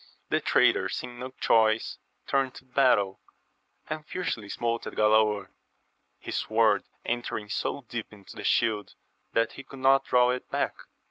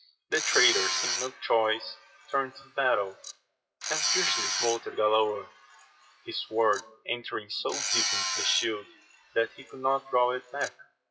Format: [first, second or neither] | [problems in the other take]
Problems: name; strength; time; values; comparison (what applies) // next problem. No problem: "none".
first | noise reduction (classical method WPE with log-MMSE)